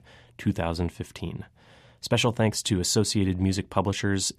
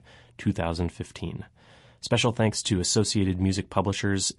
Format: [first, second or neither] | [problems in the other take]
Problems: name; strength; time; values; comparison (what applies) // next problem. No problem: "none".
first | garbled, watery; slightly; nothing above 10 kHz